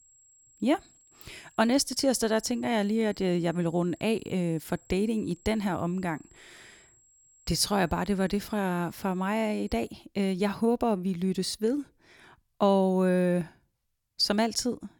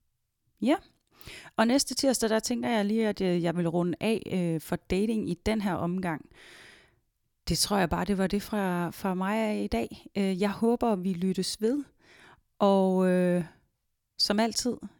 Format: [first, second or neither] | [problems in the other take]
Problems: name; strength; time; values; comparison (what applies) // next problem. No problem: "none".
second | high-pitched whine; faint; until 10 s; 7.5 kHz, 30 dB below the speech